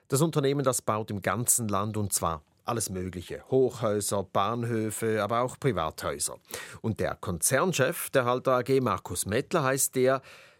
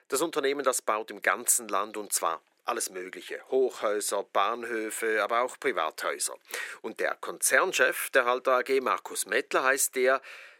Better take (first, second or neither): first